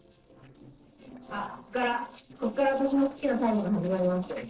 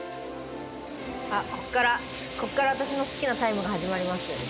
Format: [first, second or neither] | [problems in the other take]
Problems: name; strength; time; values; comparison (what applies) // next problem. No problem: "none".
second | noise reduction (neural separator model SepFormer DNS4)